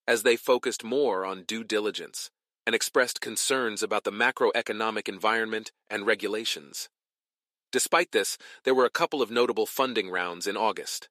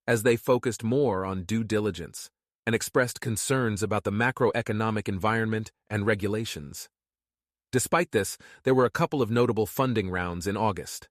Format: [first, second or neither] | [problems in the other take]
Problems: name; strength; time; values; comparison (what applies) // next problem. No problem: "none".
second | thin; somewhat; fading below 300 Hz